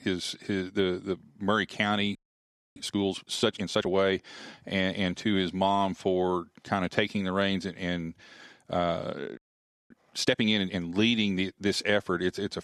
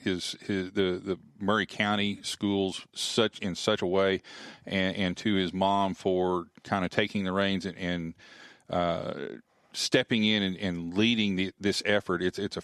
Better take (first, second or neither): second